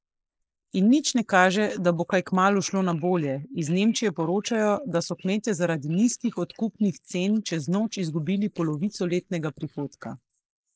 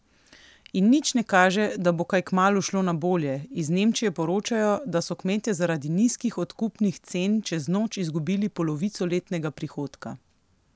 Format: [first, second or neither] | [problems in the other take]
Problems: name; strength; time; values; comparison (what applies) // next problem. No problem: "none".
second | noise reduction (neural mask model Resemble Enhance denoiser)